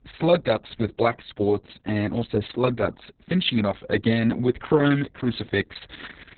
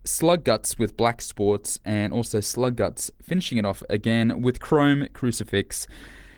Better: second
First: garbled, watery; badly; nothing above 4 kHz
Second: garbled, watery; slightly; nothing above 19 kHz

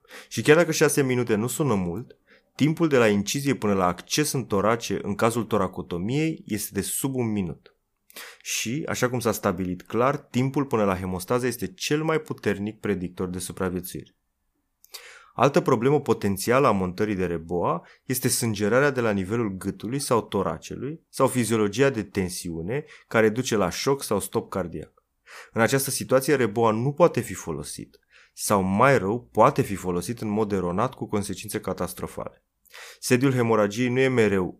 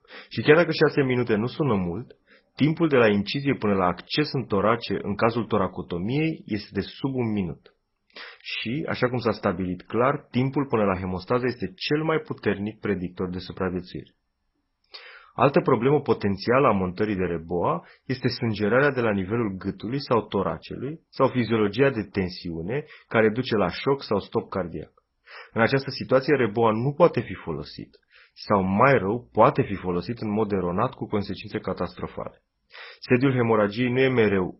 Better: first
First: none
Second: garbled, watery; badly; nothing above 5.5 kHz

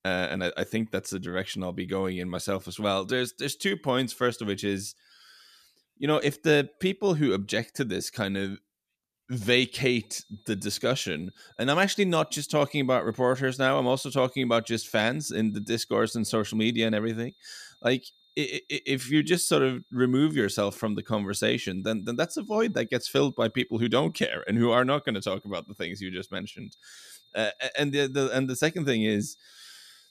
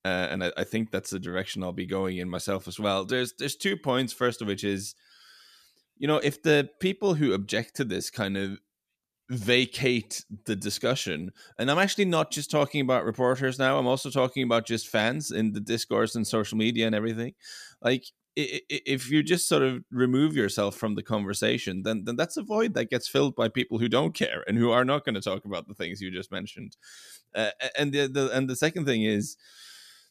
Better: second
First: high-pitched whine; faint; from 9.5 s on; 3.5 kHz, 35 dB below the speech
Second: none

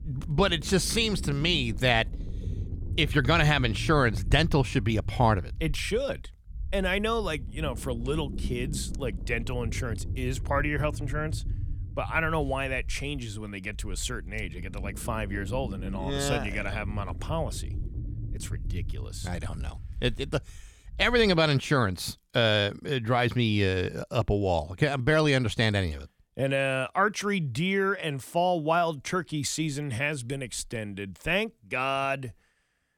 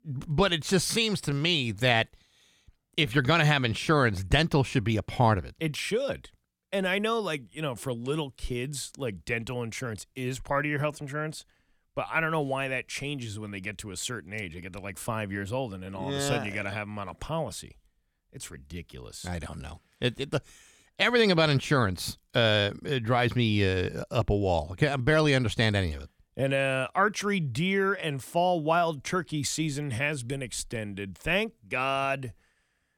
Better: second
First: low rumble; faint; until 21 s; 20 dB below the speech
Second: none

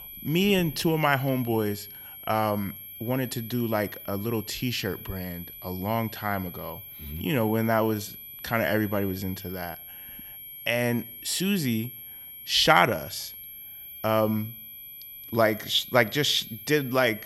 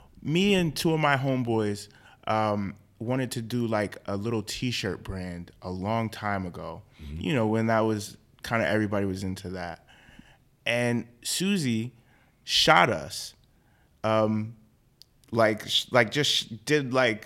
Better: second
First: high-pitched whine; noticeable; throughout; 12 kHz, 15 dB below the speech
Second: none

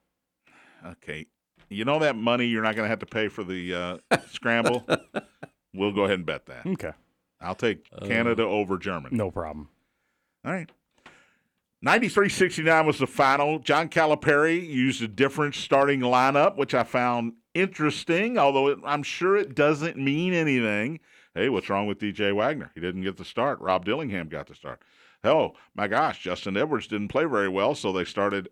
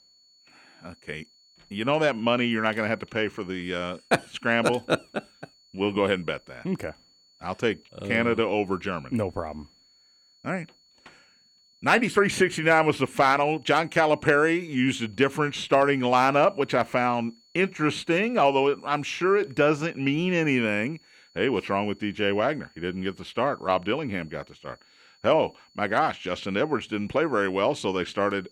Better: first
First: none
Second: high-pitched whine; faint; throughout; 4.5 kHz, 30 dB below the speech

